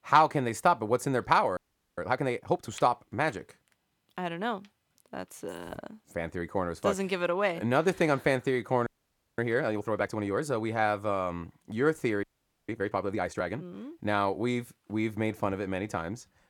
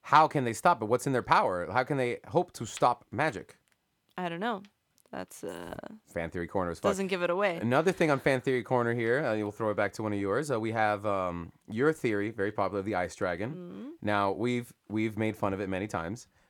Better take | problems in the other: second | audio freezing; at 1.5 s, at 9 s for 0.5 s and at 12 s

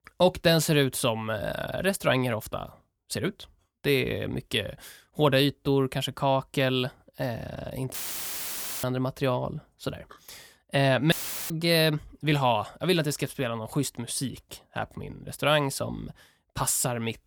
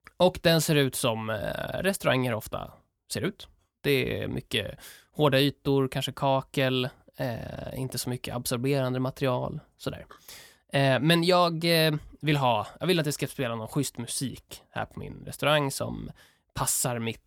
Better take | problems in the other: second | audio cutting out; filled with static; at 8 s for 1 s and at 11 s

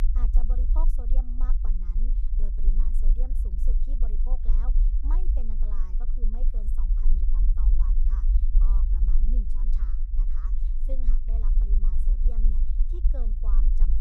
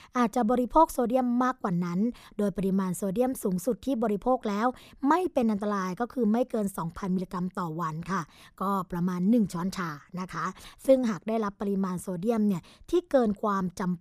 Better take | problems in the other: second | low rumble; loud; throughout; 2 dB below the speech

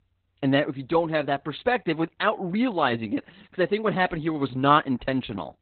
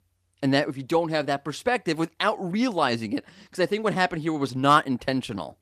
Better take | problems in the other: second | garbled, watery; badly; nothing above 4 kHz; slightly in the second

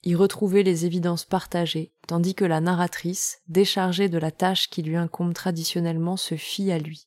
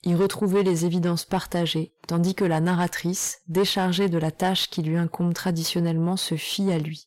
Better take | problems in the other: first | distortion; slight; 10 dB below the speech

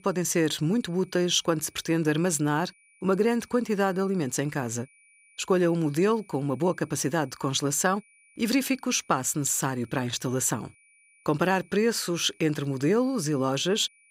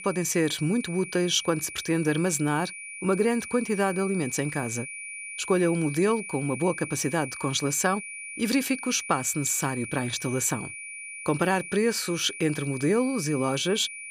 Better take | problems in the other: first | high-pitched whine; loud; throughout; 2.5 kHz, 10 dB below the speech; faint in the first

